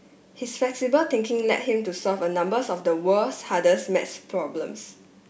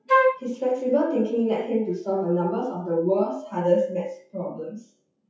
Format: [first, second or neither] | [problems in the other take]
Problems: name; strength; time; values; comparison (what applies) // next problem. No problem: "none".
first | noise reduction (classical method WPE with log-MMSE)